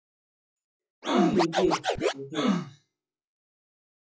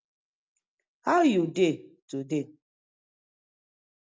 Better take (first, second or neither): second